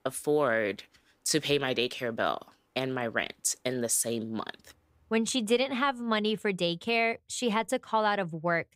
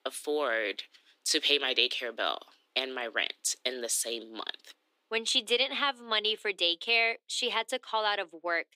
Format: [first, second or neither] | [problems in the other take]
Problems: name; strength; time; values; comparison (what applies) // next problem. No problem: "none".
first | thin; somewhat; fading below 300 Hz